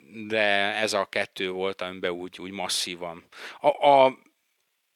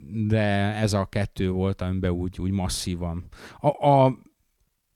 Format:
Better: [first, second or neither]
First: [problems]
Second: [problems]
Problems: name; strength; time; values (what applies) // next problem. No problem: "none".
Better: second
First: thin; very; fading below 450 Hz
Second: none